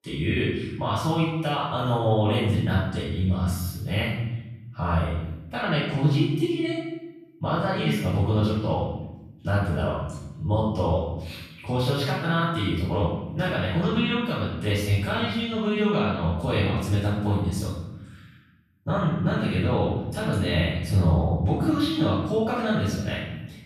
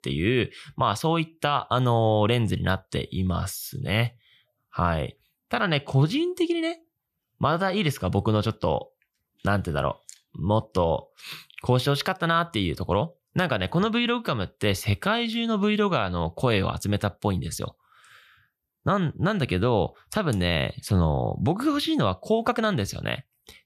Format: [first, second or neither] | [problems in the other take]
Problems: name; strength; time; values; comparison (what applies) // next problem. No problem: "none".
second | room echo; strong; dies away in 1 s // off-mic speech; far